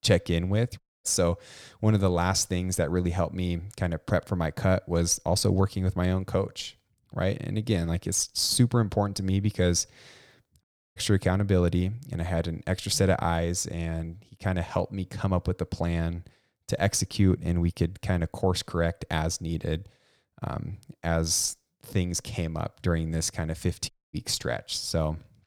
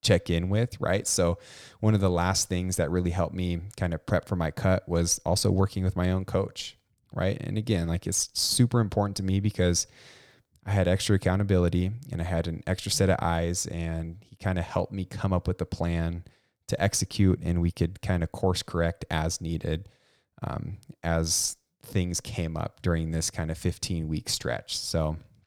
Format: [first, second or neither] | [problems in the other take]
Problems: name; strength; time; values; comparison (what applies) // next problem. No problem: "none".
second | audio cutting out; at 1 s, at 11 s and at 24 s